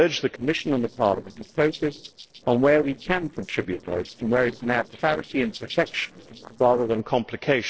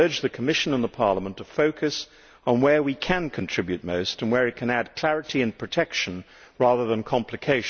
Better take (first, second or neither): second